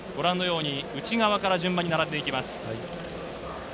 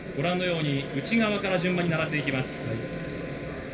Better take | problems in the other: first | background sound (Bowed string instrument); 14 dB below the speech // room echo; dies away in 2.3 s

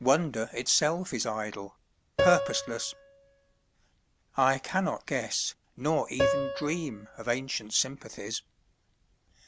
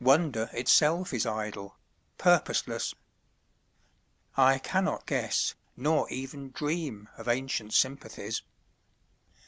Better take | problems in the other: second | background sound (Piano); 4 dB below the speech

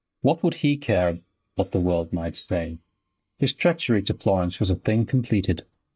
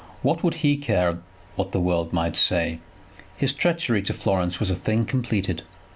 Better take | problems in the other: second | noise reduction (neural mask model DeepFilterNet 3)

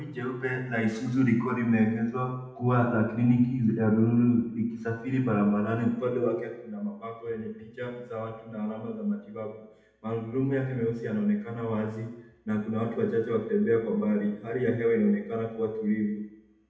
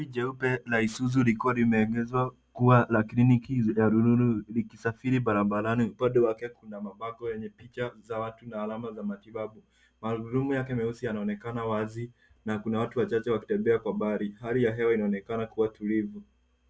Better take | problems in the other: second | room echo; dies away in 0.8 s

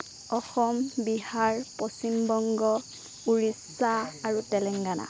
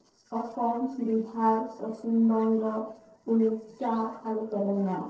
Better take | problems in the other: first | noise reduction (neural separator model SepFormer DNS4)

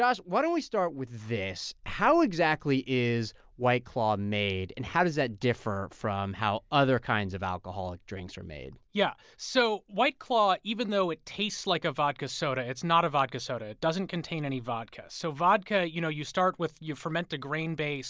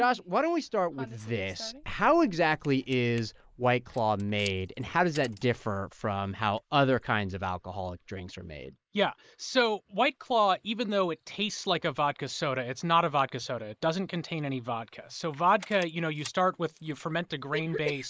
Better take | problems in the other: first | noise reduction (neural mask model Resemble Enhance denoiser)

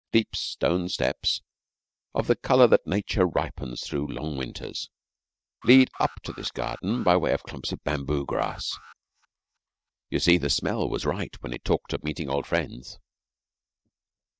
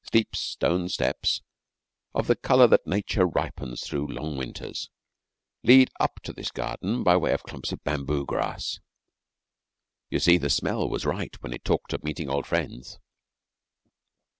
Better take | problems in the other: second | noise reduction (neural mask model DeepFilterNet 3)

